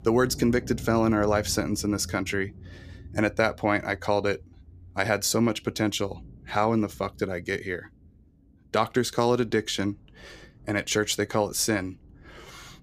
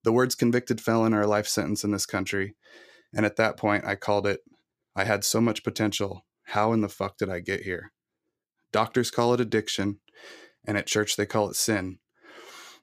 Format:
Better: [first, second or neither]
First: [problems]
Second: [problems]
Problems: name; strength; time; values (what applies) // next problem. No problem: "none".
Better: second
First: rain or running water; noticeable; throughout; 20 dB below the speech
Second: none